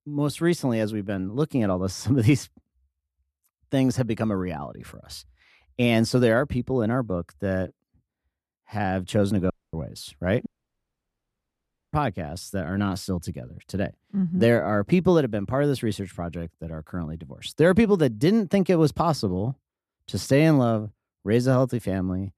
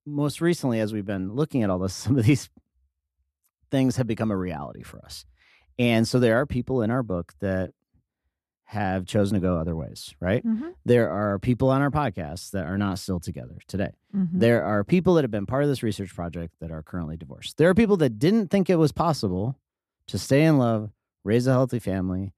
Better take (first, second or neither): second